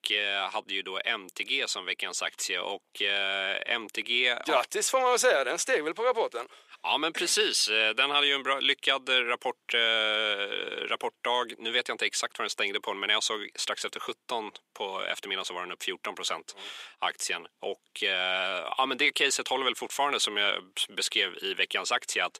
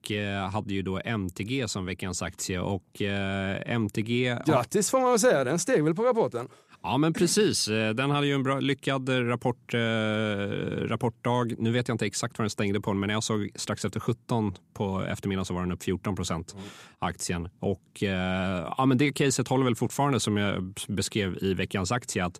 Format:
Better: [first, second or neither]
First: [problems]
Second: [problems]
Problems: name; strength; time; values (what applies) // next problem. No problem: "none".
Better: second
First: thin; very; fading below 450 Hz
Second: none